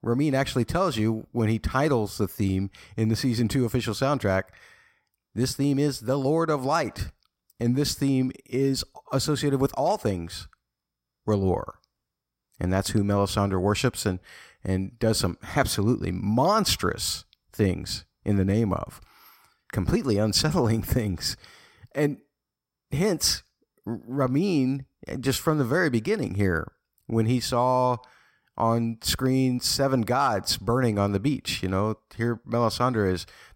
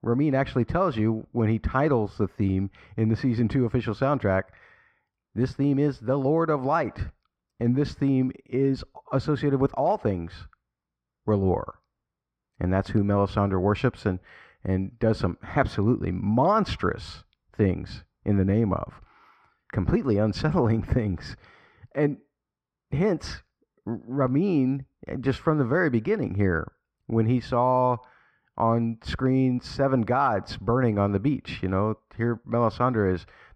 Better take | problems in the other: first | muffled; very; fading above 2 kHz

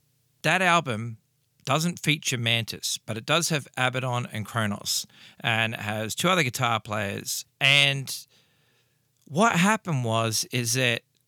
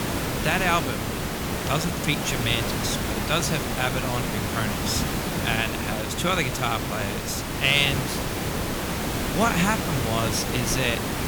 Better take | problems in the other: first | hiss; loud; throughout; 1 dB below the speech

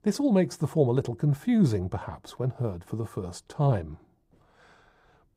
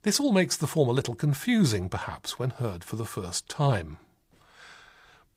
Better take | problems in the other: second | muffled; slightly; fading above 1 kHz

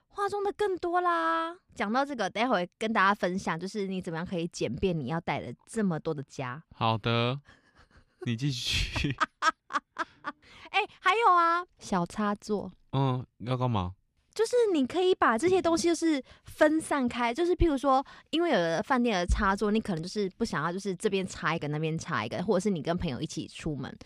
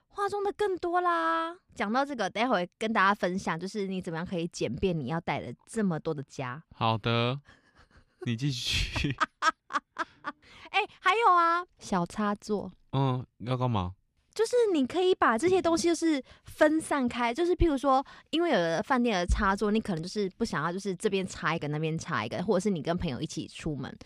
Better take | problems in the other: neither | none

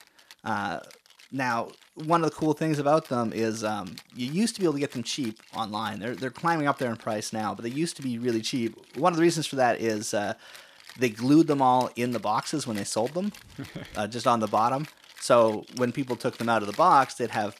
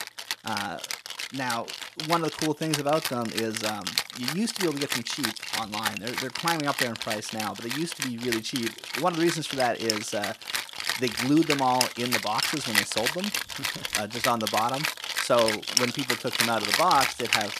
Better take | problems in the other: first | background music; loud; throughout; as loud as the speech; faint in the first

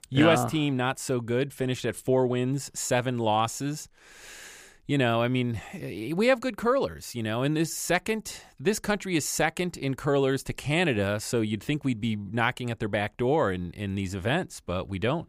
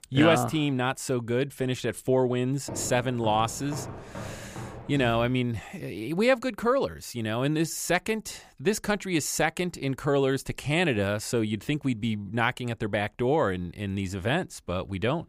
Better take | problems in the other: first | footsteps; faint; from 2.5 to 5.5 s; peak 10 dB below the speech

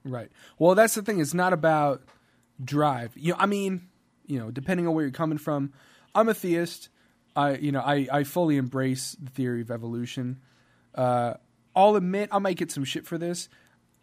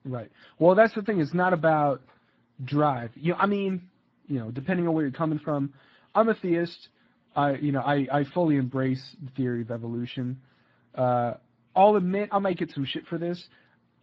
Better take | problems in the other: first | garbled, watery; badly

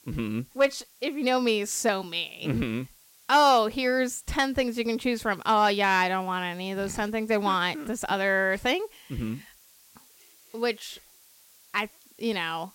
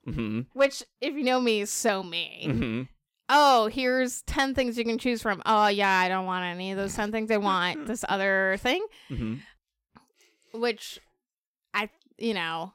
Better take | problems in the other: second | hiss; faint; throughout; 25 dB below the speech

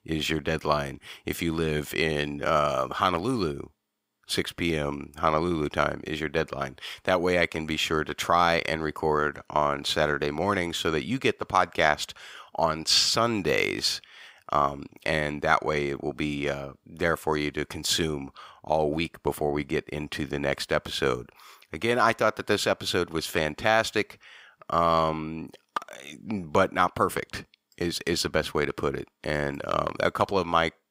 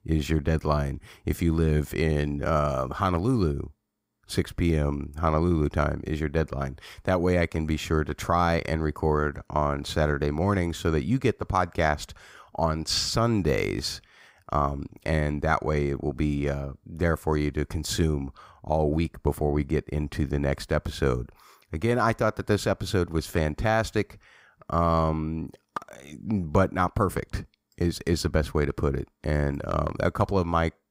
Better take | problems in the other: second | thin; somewhat; fading below 900 Hz

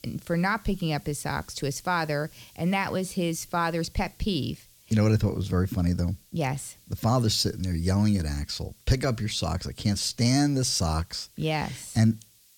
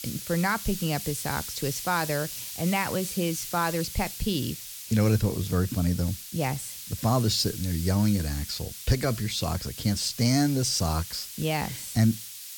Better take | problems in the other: first | hiss; loud; throughout; 9 dB below the speech; faint in the first

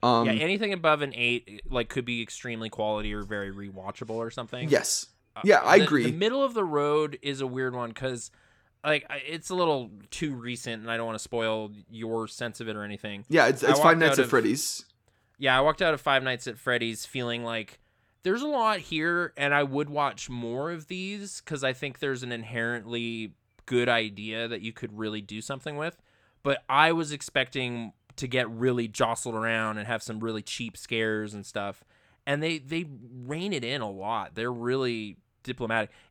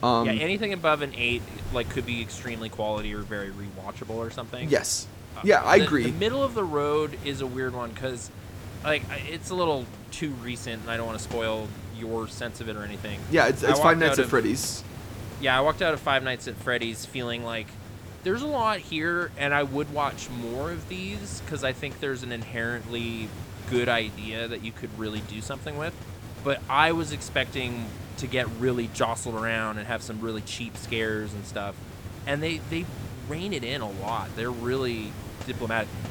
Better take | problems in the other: first | hiss; noticeable; throughout; 15 dB below the speech

